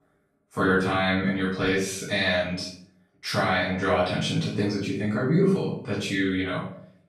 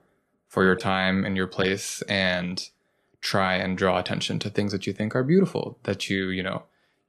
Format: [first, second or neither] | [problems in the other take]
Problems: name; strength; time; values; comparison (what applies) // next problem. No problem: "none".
second | off-mic speech; far // room echo; noticeable; dies away in 0.5 s